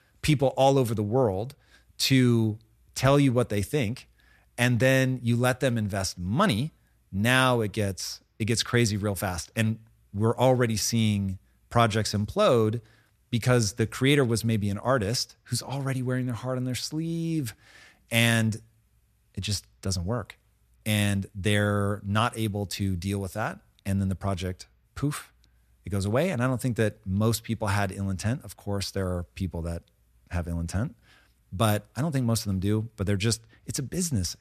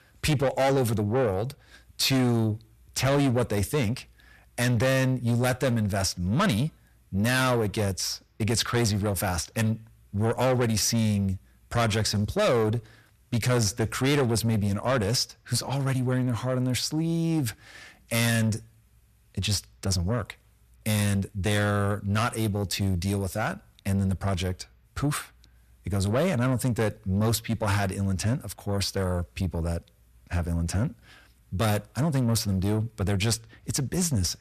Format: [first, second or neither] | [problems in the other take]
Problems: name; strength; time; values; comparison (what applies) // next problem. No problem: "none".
first | distortion; heavy; 7 dB below the speech